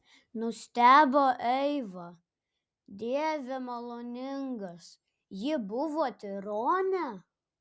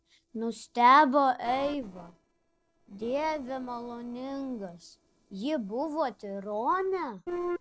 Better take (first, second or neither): first